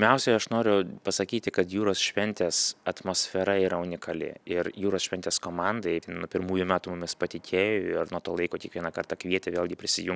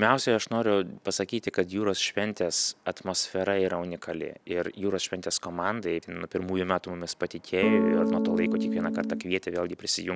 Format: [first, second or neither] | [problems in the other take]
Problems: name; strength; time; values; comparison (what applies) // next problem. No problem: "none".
first | background sound (Electric guitar / Strum); 3 dB above the speech